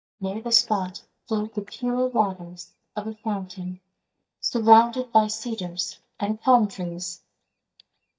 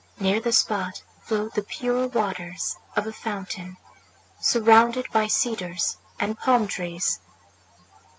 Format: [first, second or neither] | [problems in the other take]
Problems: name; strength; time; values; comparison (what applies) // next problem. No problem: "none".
second | noise reduction (neural mask model DeepFilterNet 3)